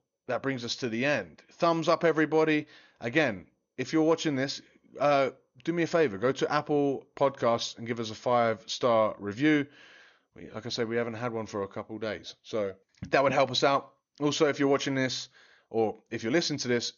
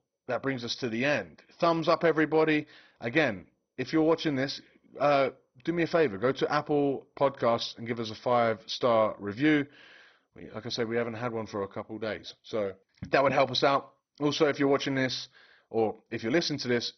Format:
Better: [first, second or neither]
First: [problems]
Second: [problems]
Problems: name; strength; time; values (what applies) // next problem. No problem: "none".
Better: first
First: garbled, watery; slightly; nothing above 6.5 kHz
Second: garbled, watery; badly; nothing above 6 kHz